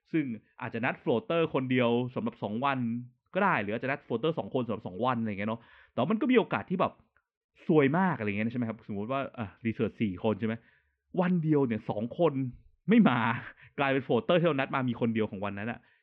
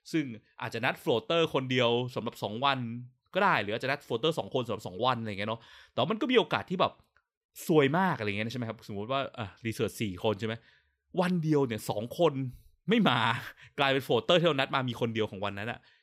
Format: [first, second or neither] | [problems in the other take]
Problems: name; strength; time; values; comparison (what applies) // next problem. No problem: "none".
second | muffled; very; fading above 2.5 kHz